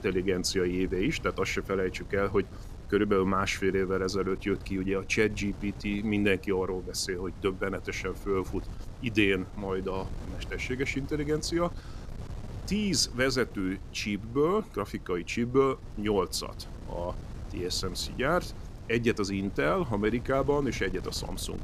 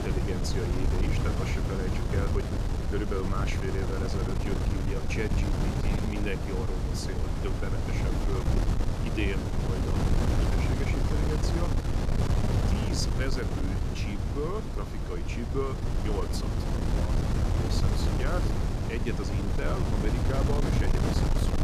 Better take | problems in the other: first | wind noise on the microphone; heavy; 1 dB above the speech; occasional gusts in the first

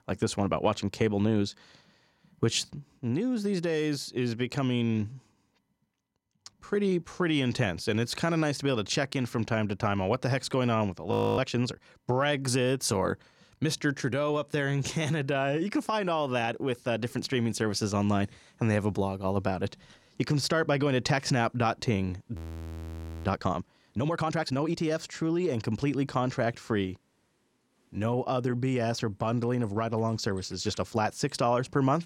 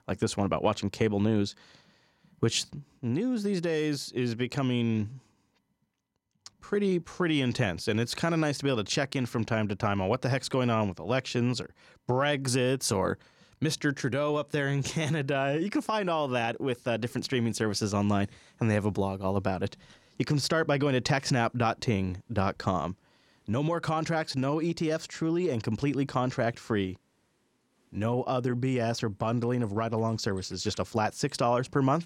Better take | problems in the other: second | audio freezing; at 11 s and at 22 s for 1 s

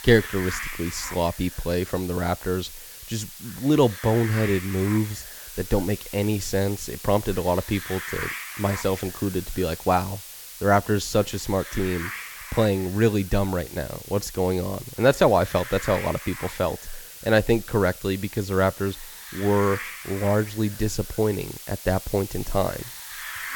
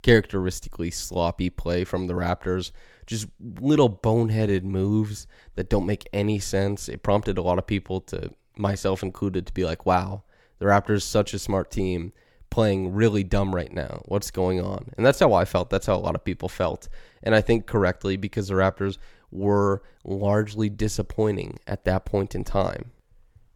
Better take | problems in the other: second | hiss; noticeable; throughout; 10 dB below the speech

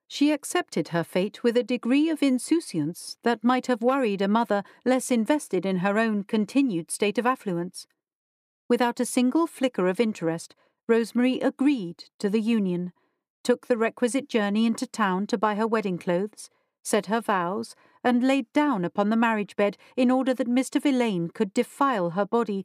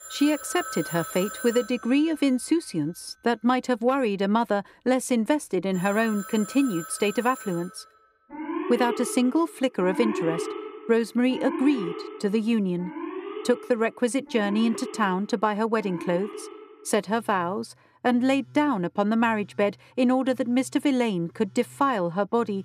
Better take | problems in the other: first | alarms or sirens; noticeable; throughout; 10 dB below the speech

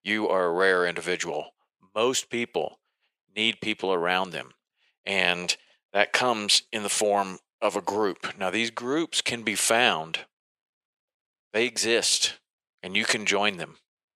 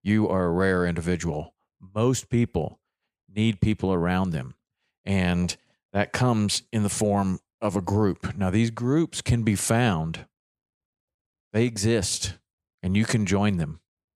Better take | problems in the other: second | thin; very; fading below 500 Hz

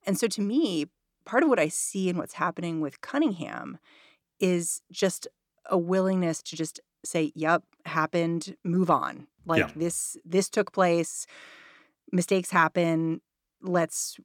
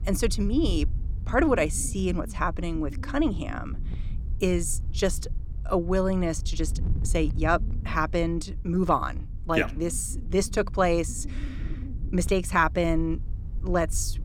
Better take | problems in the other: first | wind noise on the microphone; occasional gusts; 20 dB below the speech

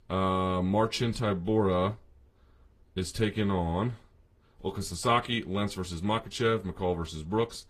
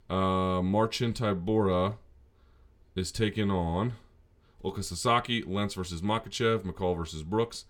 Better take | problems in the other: second | garbled, watery; slightly

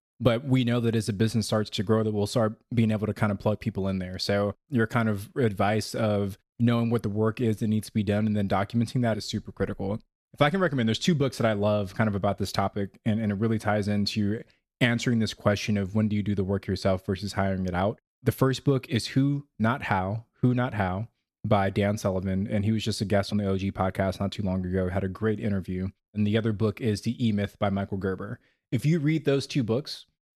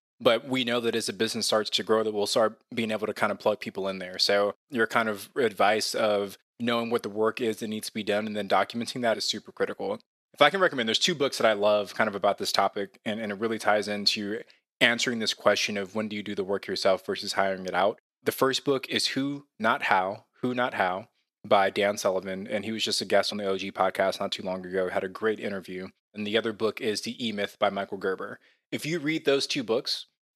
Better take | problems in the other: first | thin; somewhat; fading below 400 Hz

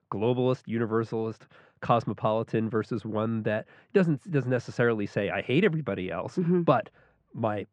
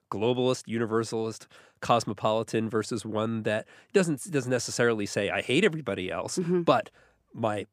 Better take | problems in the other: second | muffled; very; fading above 2.5 kHz

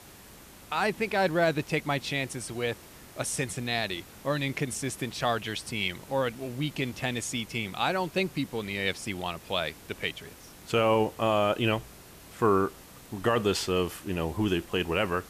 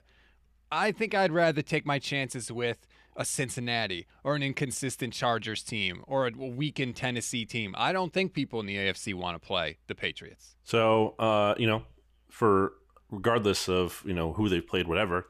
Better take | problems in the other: second | hiss; noticeable; throughout; 20 dB below the speech

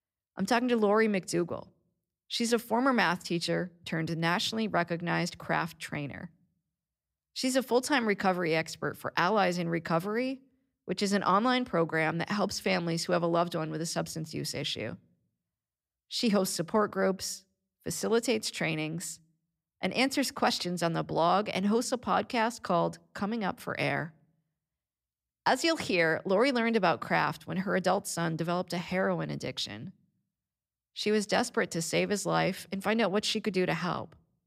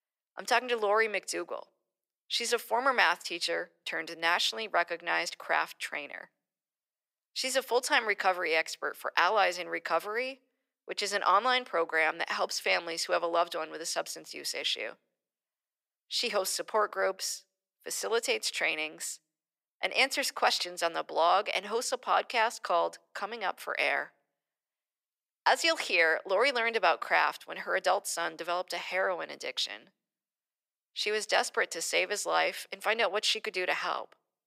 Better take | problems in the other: first | thin; very; fading below 500 Hz

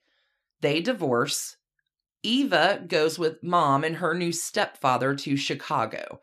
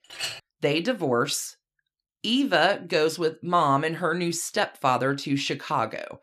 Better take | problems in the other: first | clattering dishes; noticeable; at the start; peak 7 dB below the speech

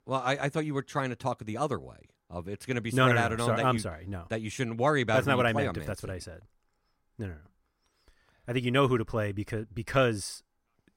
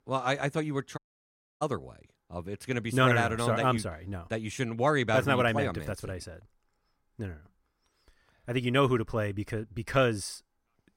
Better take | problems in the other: first | audio cutting out; at 1 s for 0.5 s

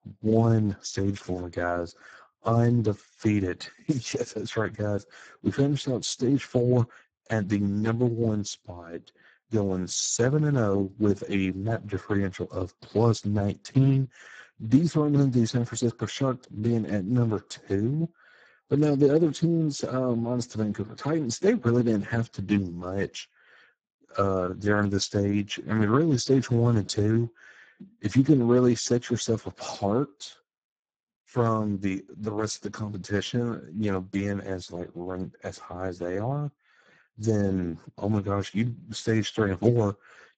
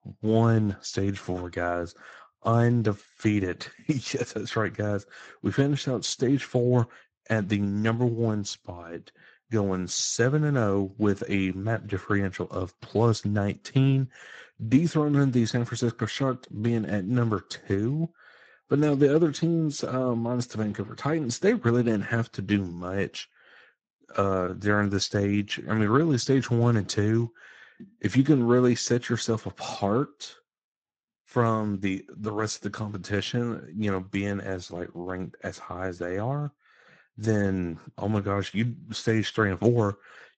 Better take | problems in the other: second | garbled, watery; badly; nothing above 7.5 kHz; slightly in the second

